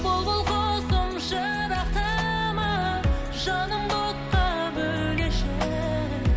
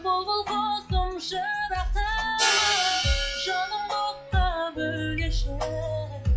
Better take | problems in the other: first | noise reduction (classical method log-MMSE)

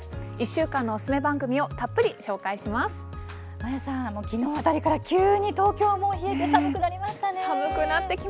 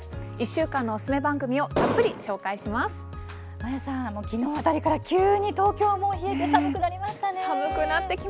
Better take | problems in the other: first | background sound (Explosion); 1 dB below the speech

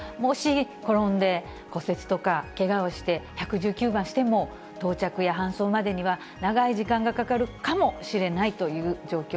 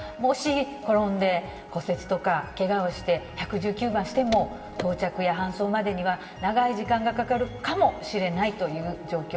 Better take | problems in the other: first | background sound (Car); 13 dB below the speech // room echo; dies away in 2.6 s

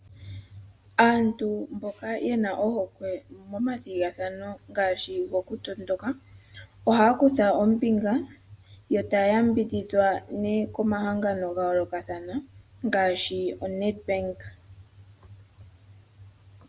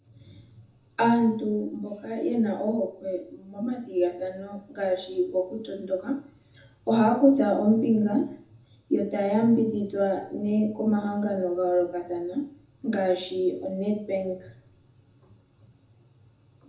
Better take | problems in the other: first | room echo; dies away in 0.6 s

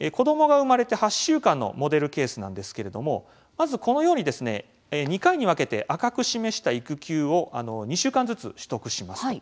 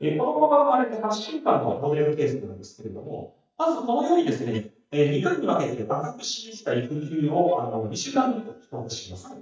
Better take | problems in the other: first | noise reduction (neural mask model DeepFilterNet 3)

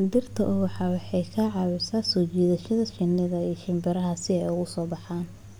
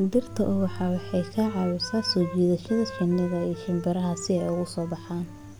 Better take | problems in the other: first | background sound (Wind instrument, woodwind instrument); 16 dB below the speech

